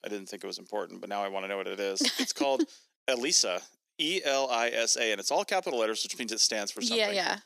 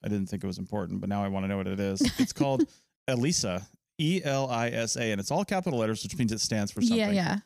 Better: second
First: thin; somewhat; fading below 350 Hz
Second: none

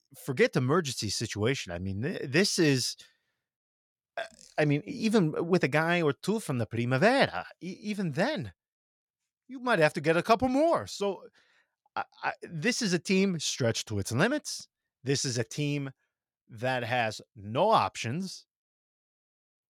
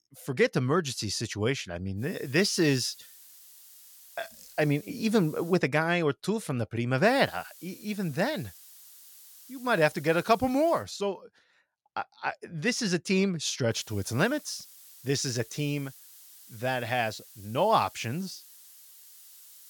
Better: first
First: none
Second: hiss; faint; from 2 to 5.5 s, from 7 to 11 s and from 14 s on; 20 dB below the speech

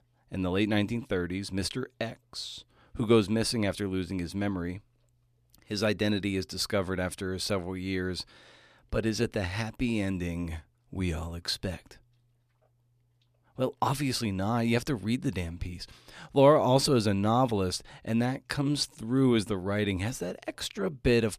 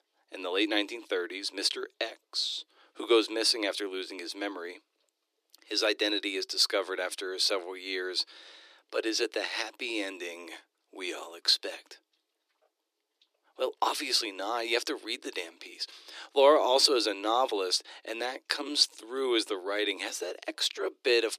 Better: first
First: none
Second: thin; very; fading below 300 Hz

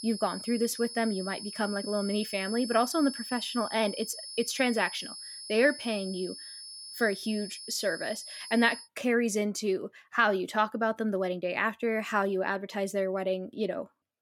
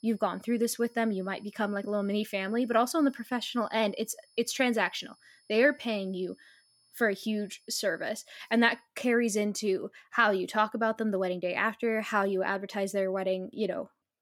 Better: second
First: high-pitched whine; loud; until 9 s; 5 kHz, 10 dB below the speech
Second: high-pitched whine; faint; until 9 s; 5 kHz, 35 dB below the speech

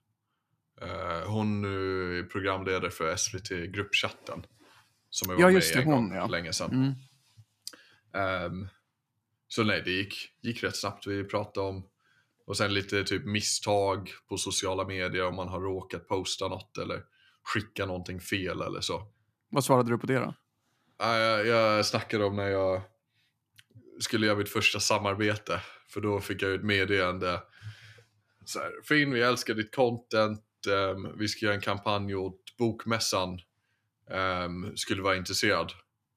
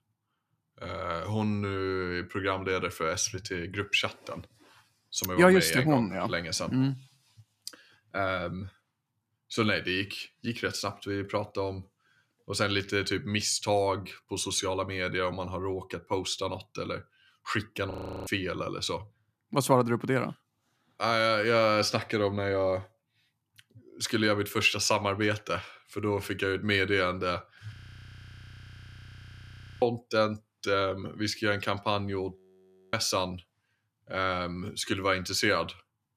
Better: first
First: none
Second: audio freezing; at 18 s, at 28 s for 2 s and at 32 s for 0.5 s

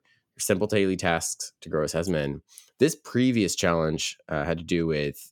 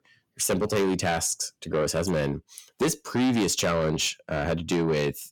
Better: first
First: none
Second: distortion; heavy; 7 dB below the speech

